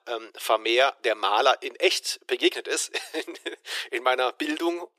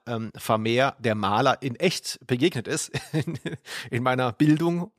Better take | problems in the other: second | thin; very; fading below 350 Hz

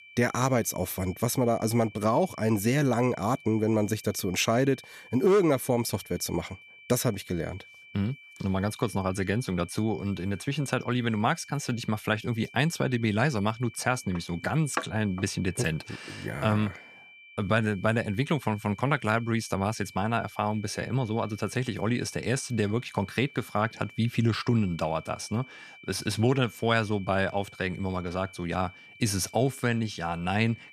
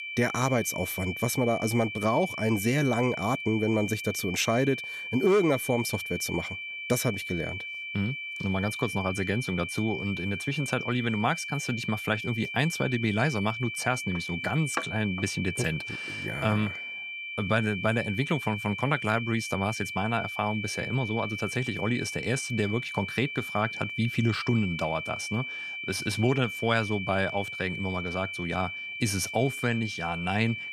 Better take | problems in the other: first | high-pitched whine; loud; throughout; 2.5 kHz, 5 dB below the speech; faint in the first

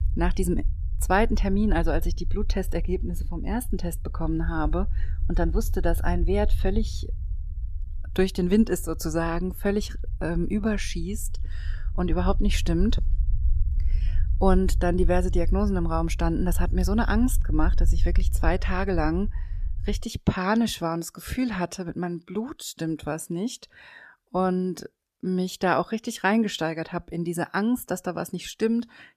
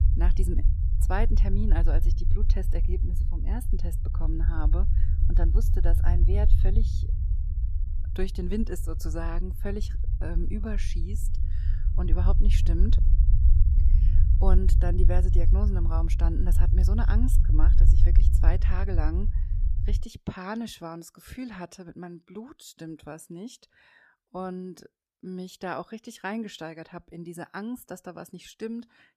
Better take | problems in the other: first | low rumble; loud; until 20 s; 7 dB below the speech; faint in the first

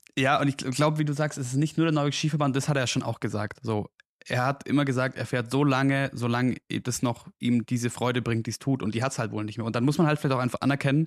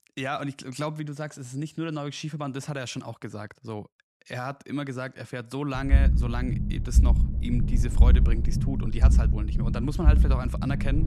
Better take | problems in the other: first | low rumble; loud; from 6 s on; 5 dB below the speech

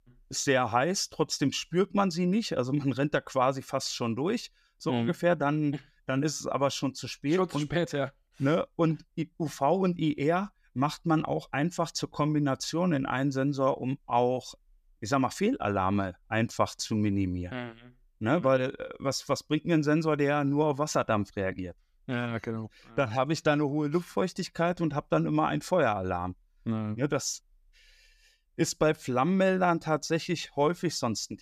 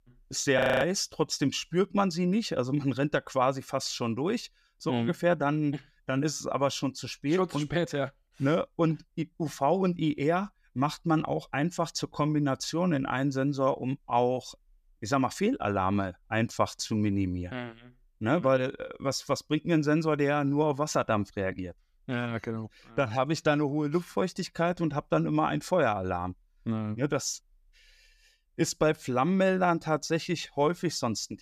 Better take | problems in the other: first | audio freezing; at 0.5 s

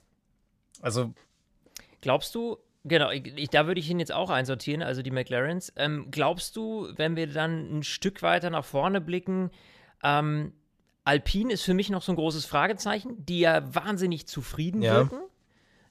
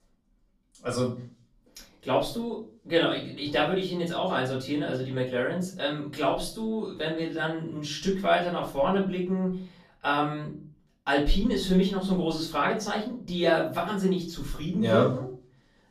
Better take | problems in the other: first | off-mic speech; far // room echo; slight; dies away in 0.4 s

